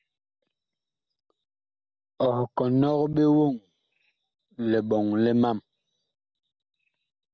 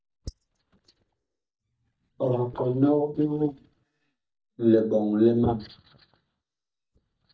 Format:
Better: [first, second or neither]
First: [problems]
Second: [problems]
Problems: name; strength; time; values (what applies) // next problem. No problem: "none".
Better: first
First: none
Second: noise reduction (neural mask model DeepFilterNet 3)